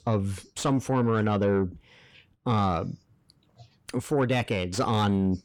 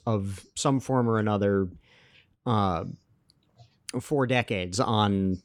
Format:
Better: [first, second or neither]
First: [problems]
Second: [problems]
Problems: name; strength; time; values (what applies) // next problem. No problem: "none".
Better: second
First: distortion; slight; 10 dB below the speech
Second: none